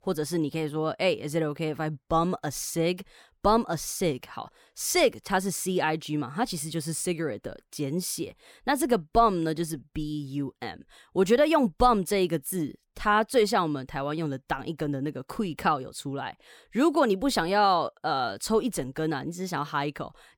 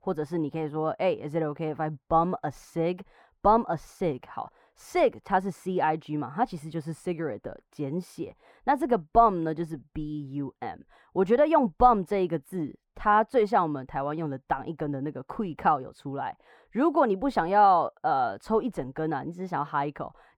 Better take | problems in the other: first | muffled; very; fading above 3 kHz

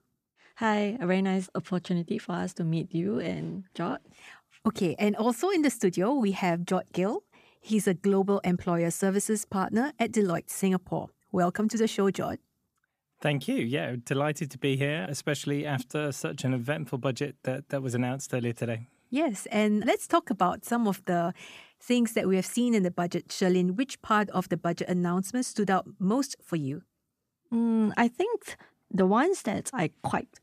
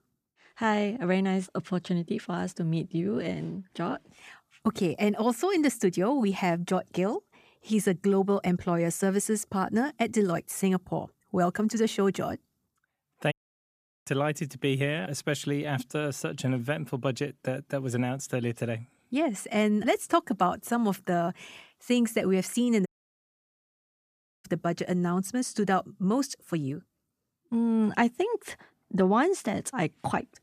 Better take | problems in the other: first | audio cutting out; at 13 s for 0.5 s and at 23 s for 1.5 s

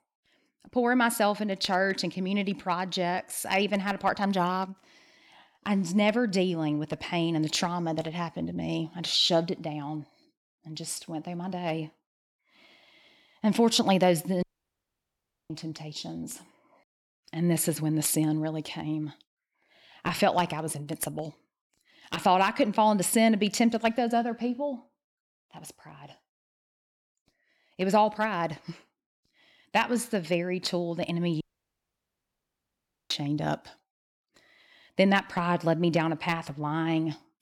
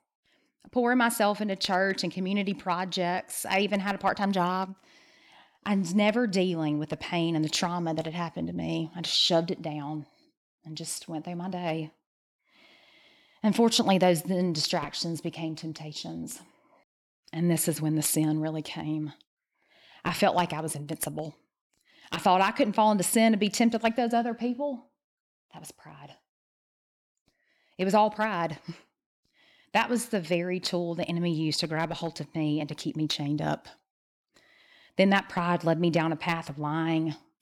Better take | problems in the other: second | audio cutting out; at 14 s for 1 s and at 31 s for 1.5 s

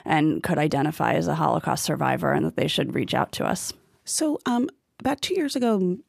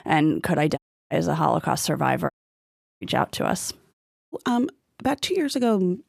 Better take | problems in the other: first | audio cutting out; at 1 s, at 2.5 s for 0.5 s and at 4 s

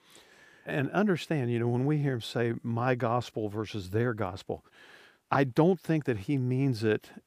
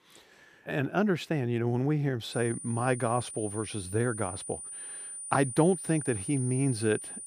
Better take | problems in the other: first | high-pitched whine; loud; from 2.5 s on; 9.5 kHz, 9 dB below the speech

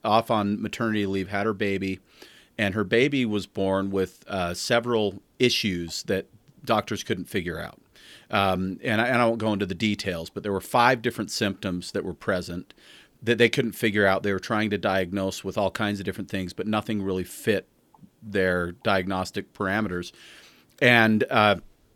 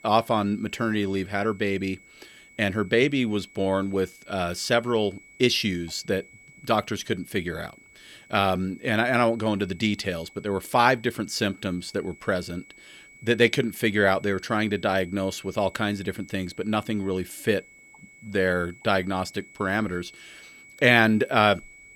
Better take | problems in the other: first | high-pitched whine; faint; throughout; 2 kHz, 25 dB below the speech

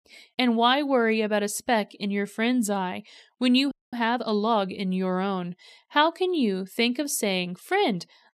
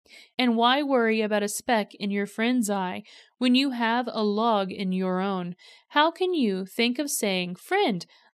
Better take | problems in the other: second | audio freezing; at 3.5 s

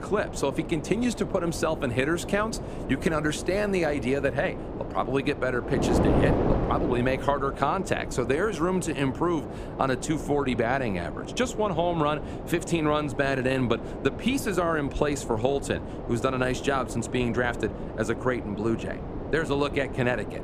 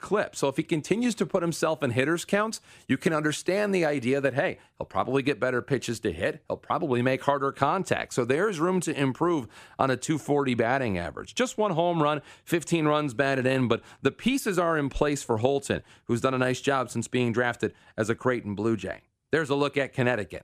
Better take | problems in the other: second | wind noise on the microphone; heavy; 8 dB below the speech

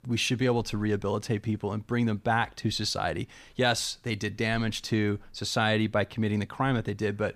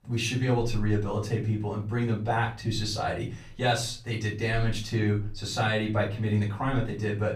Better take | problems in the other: first | off-mic speech; far // room echo; slight; dies away in 0.4 s

